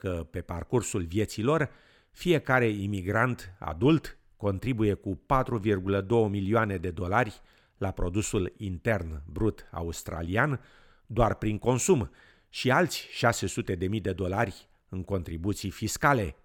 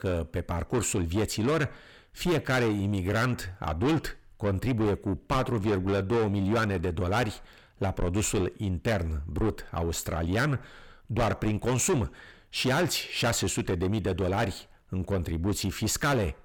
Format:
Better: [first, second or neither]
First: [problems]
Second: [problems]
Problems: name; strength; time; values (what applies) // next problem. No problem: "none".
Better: first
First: none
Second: distortion; heavy; 6 dB below the speech